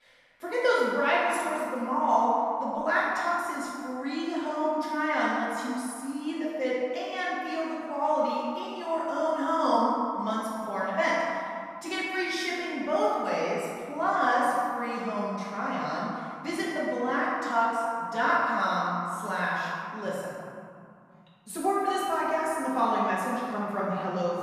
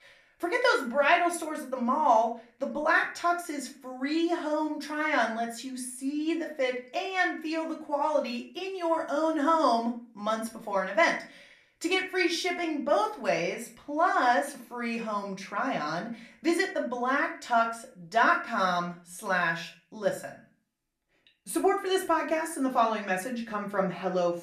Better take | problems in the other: second | room echo; strong; dies away in 2.7 s; slight in the second // off-mic speech; far; far in the second

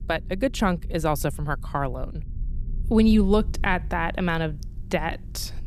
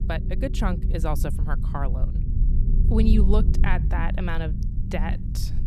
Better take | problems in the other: first | low rumble; loud; throughout; 9 dB below the speech; faint in the first

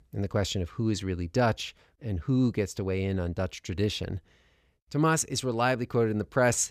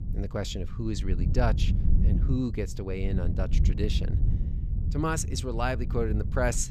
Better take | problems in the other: first | wind noise on the microphone; occasional gusts; 10 dB below the speech

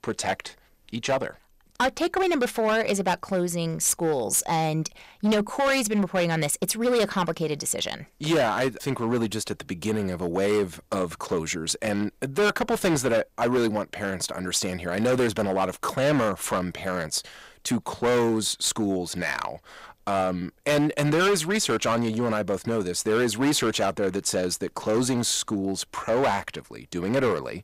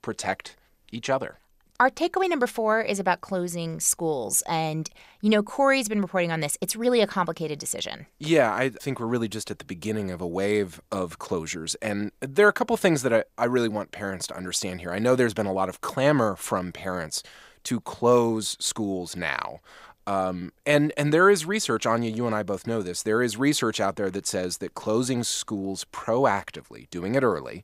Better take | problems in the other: second | distortion; heavy; 10% of the sound clipped

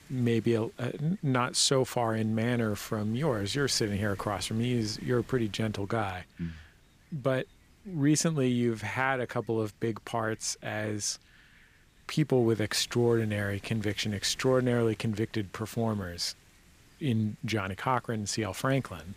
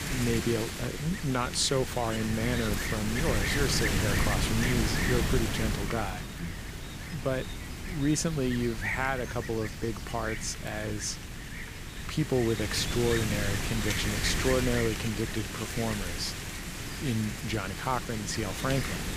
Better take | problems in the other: first | wind noise on the microphone; heavy; 2 dB below the speech; occasional gusts in the first

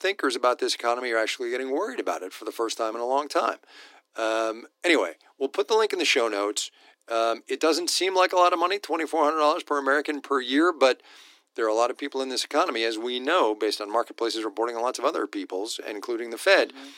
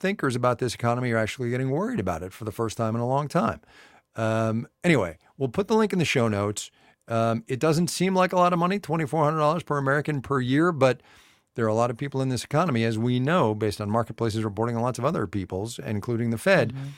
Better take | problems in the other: second | thin; somewhat; fading below 300 Hz

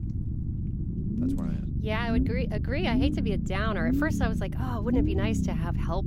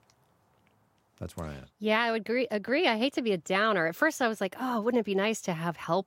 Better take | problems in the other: second | low rumble; loud; throughout; 4 dB below the speech

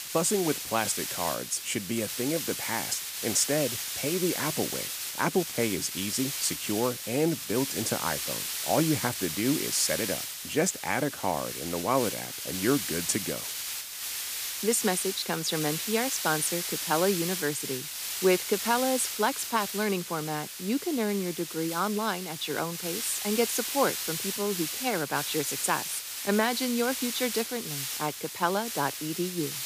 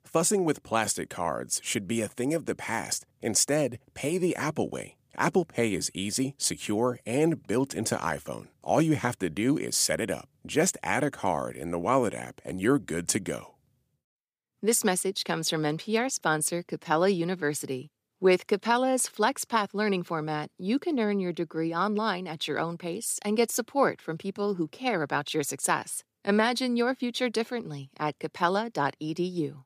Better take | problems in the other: second | hiss; loud; throughout; 3 dB below the speech

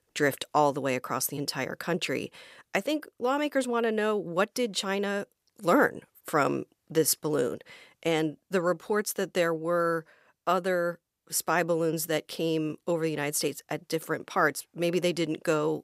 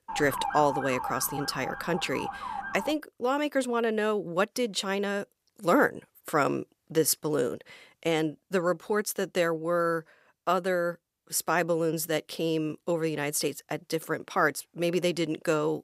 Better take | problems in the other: first | siren; noticeable; until 3 s; peak 4 dB below the speech

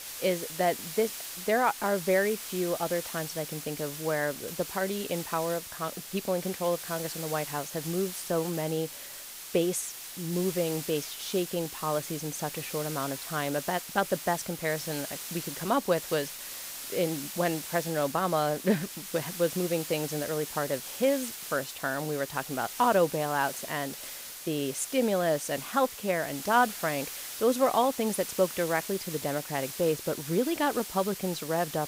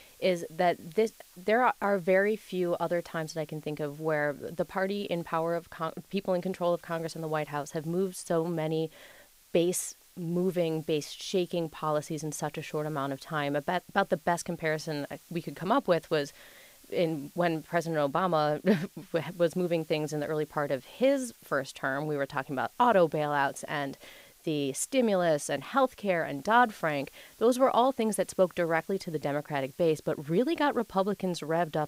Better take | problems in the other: second | hiss; loud; throughout; 7 dB below the speech; faint in the second

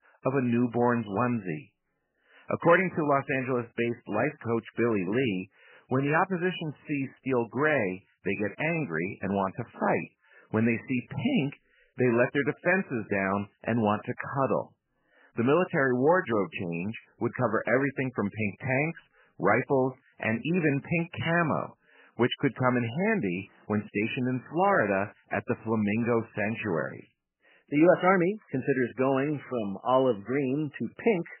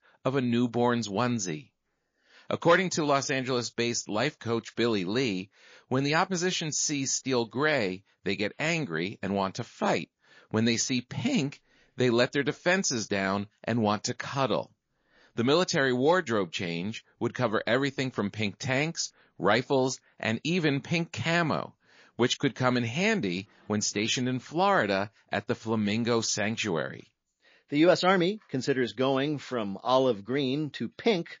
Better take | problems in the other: second | garbled, watery; badly; nothing above 3 kHz; slightly in the second

